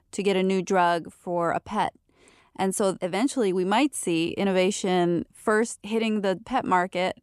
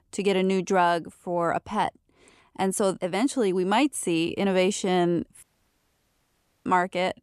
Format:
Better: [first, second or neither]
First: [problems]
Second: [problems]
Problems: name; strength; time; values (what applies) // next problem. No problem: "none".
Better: first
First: none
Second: audio cutting out; at 5.5 s for 1 s